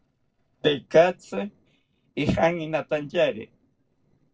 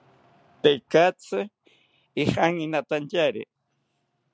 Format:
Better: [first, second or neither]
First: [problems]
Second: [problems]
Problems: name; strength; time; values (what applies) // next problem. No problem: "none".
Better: second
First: noise reduction (neural separator model SepFormer DNS4)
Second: none